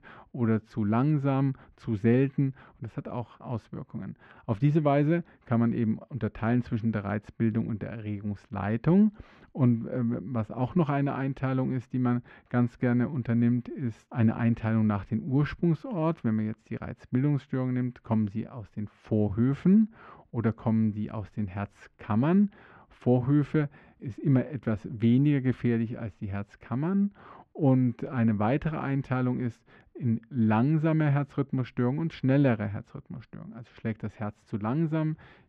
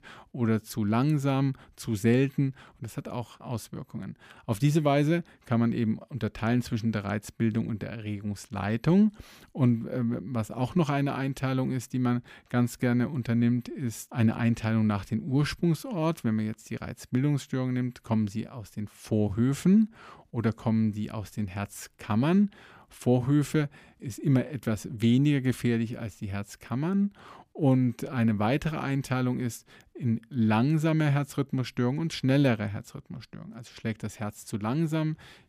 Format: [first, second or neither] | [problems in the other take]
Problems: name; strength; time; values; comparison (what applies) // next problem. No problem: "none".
second | muffled; very; fading above 2 kHz